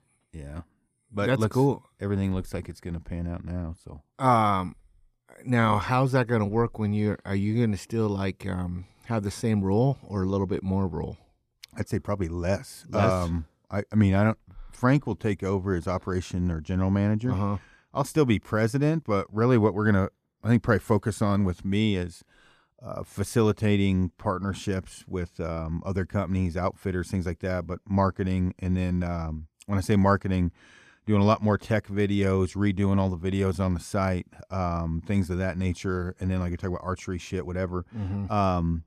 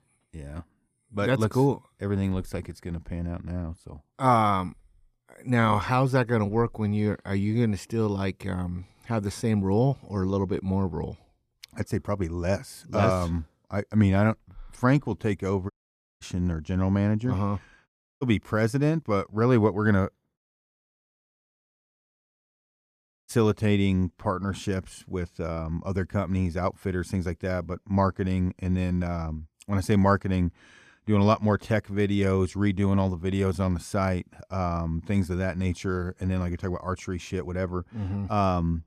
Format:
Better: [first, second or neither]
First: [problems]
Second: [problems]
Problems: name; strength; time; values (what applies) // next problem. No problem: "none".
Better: first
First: none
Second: audio cutting out; at 16 s for 0.5 s, at 18 s and at 20 s for 3 s